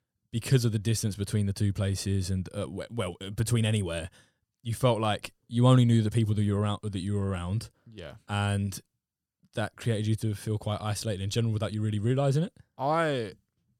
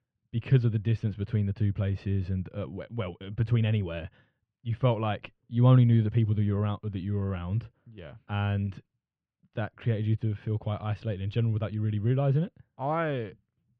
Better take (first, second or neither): first